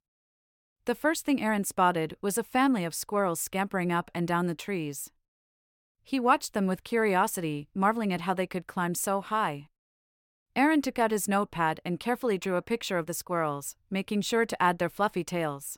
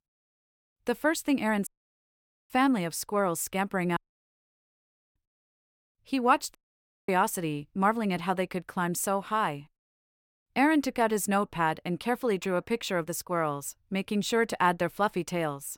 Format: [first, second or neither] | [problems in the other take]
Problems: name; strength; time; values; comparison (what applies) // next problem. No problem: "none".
first | audio cutting out; at 1.5 s for 1 s, at 4 s for 1 s and at 6.5 s for 0.5 s